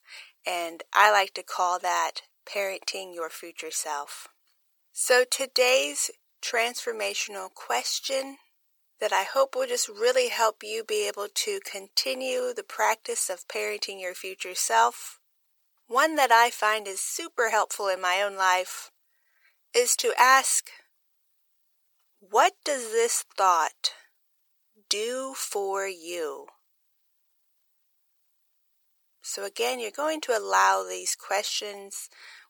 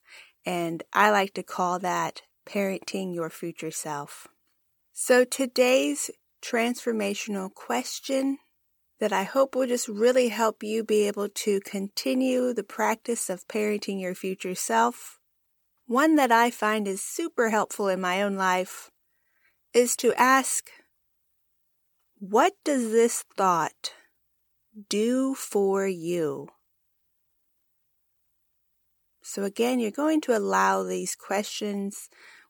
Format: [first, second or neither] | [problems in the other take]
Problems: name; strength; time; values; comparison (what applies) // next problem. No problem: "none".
second | thin; very; fading below 550 Hz